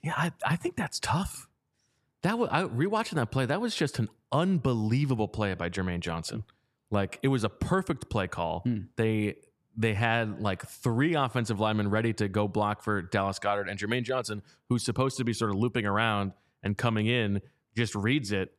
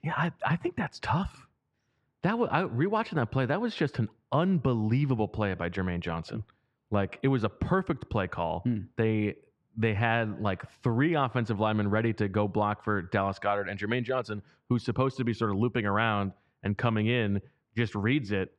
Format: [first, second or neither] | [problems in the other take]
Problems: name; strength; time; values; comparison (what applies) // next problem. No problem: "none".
first | muffled; slightly; fading above 3 kHz